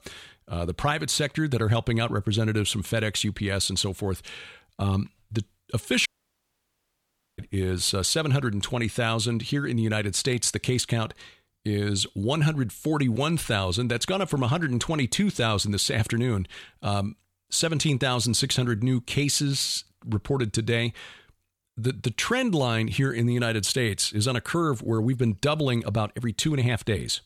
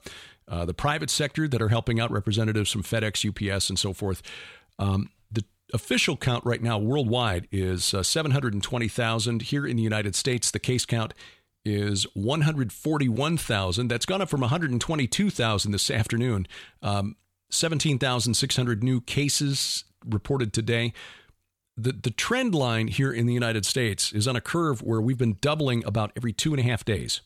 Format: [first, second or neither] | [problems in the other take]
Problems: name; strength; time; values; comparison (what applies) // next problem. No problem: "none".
second | audio cutting out; at 6 s for 1.5 s